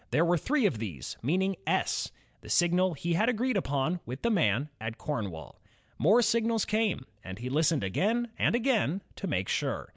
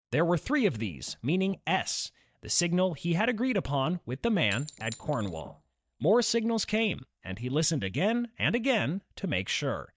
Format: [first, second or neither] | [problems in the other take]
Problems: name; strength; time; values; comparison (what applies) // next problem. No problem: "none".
first | noise reduction (neural mask model DeepFilterNet 3)